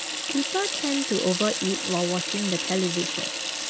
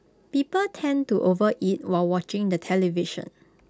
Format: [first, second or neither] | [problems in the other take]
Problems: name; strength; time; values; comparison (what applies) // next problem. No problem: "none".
second | background sound (Sink (filling or washing) / Water tap, faucet); 2 dB below the speech